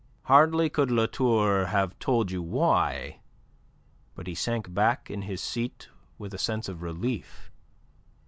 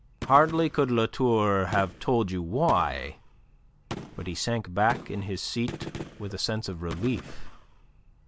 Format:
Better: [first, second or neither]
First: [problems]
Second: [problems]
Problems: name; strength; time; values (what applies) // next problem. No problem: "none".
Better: first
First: none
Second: background sound (Gunshot, gunfire); 15 dB below the speech